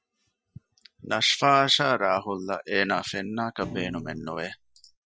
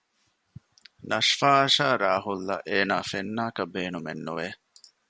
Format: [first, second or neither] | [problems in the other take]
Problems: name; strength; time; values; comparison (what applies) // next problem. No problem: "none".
second | noise reduction (classical method Wiener filter)